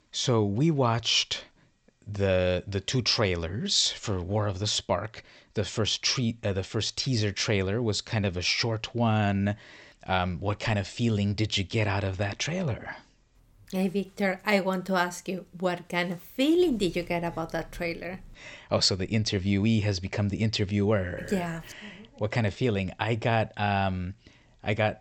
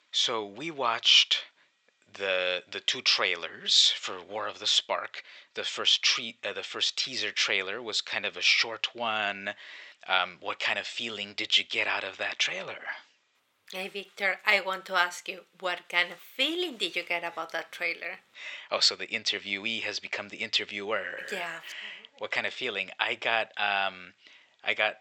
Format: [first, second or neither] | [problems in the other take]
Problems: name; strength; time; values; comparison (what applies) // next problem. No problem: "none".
first | thin; very; fading below 500 Hz